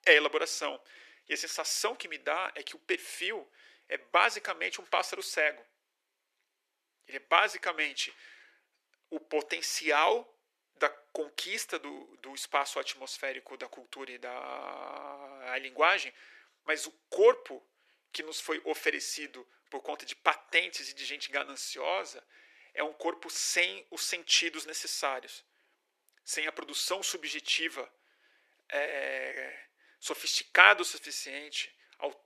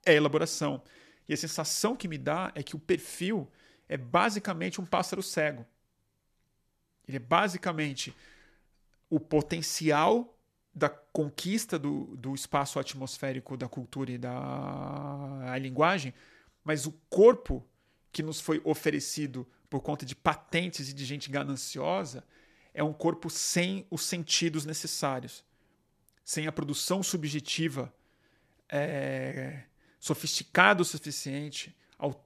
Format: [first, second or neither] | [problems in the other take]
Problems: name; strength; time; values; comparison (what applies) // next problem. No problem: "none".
second | thin; very; fading below 350 Hz